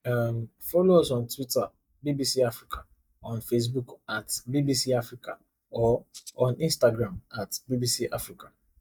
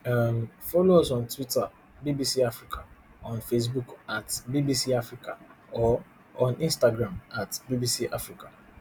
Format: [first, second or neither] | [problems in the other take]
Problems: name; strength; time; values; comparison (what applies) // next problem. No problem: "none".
second | noise reduction (neural mask model DeepFilterNet 3)